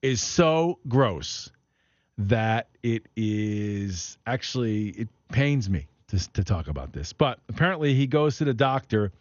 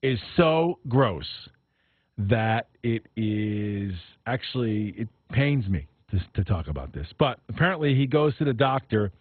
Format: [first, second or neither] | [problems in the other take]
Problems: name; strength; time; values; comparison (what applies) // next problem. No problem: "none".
first | garbled, watery; badly; nothing above 4 kHz; slightly in the first